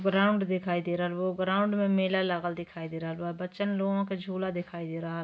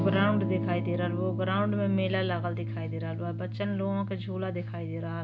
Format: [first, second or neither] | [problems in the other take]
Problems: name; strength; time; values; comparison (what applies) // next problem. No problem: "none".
first | background sound (Electric guitar / Strum); 2 dB below the speech